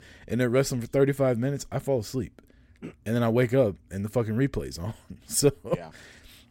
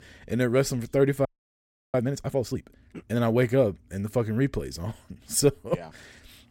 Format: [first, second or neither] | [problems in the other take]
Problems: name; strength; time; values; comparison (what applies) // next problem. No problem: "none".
first | audio freezing; at 1.5 s for 0.5 s